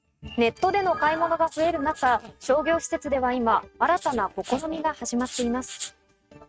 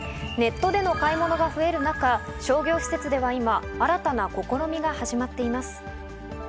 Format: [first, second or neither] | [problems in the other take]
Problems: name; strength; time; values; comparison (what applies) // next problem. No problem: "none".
second | noise reduction (neural mask model RNNoise)